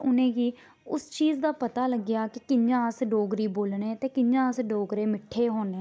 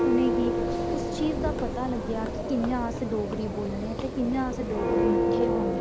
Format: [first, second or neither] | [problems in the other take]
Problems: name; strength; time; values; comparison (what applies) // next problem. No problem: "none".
first | background sound (Church bell); 3 dB above the speech